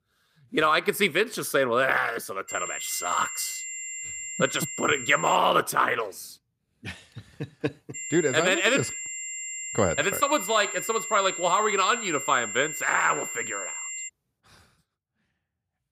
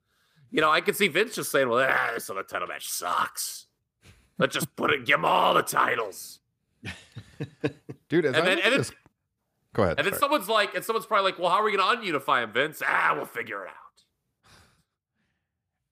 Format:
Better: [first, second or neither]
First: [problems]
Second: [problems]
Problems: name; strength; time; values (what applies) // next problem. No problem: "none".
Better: second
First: high-pitched whine; loud; from 2.5 to 5.5 s and from 8 to 14 s; 7.5 kHz, 8 dB below the speech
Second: none